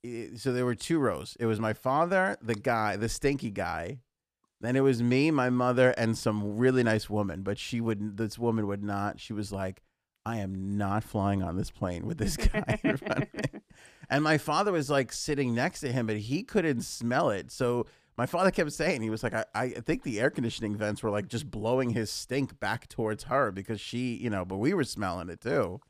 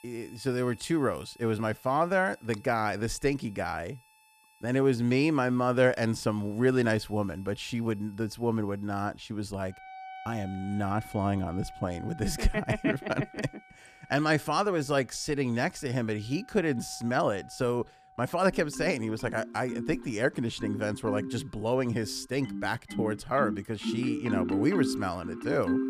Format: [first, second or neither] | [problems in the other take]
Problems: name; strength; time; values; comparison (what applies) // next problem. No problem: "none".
first | background music; loud; throughout; 8 dB below the speech